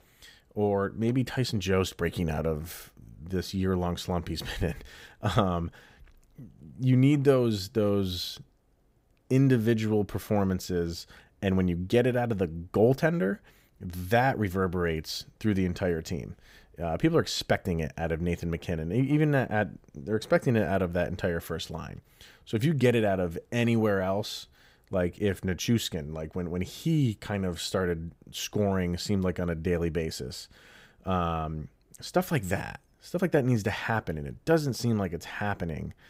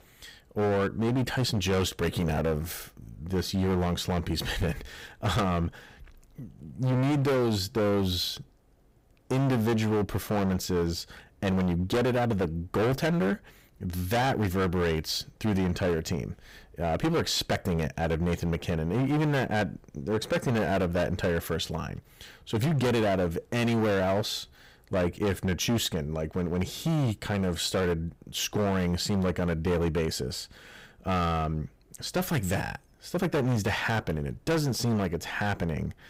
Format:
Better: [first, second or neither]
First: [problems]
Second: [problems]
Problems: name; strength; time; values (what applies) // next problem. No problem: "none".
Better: first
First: none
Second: distortion; heavy; 16% of the sound clipped